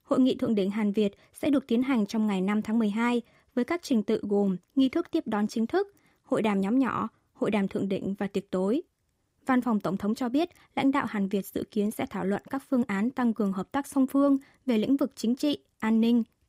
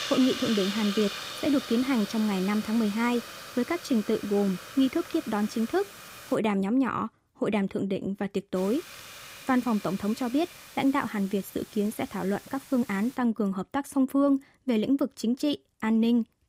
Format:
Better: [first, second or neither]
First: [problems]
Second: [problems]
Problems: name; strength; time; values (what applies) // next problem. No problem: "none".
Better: first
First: none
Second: hiss; noticeable; until 6.5 s and from 8.5 to 13 s; 10 dB below the speech